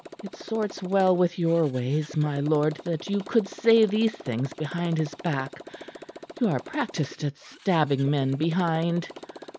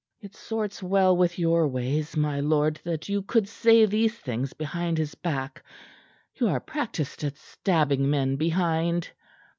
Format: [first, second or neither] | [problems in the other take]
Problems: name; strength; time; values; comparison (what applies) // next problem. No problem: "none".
second | background sound (Motorcycle); 17 dB below the speech